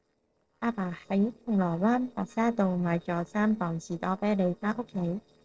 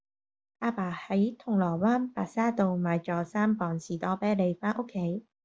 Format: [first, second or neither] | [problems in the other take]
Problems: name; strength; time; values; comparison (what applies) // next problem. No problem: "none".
second | noise reduction (neural separator model SepFormer DNS4)